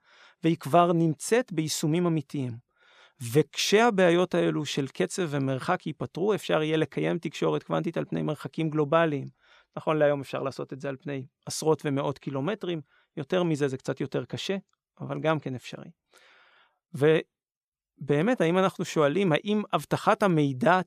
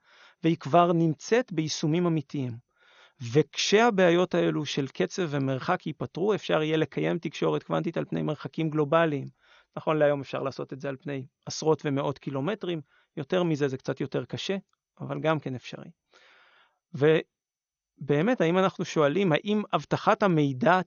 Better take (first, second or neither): first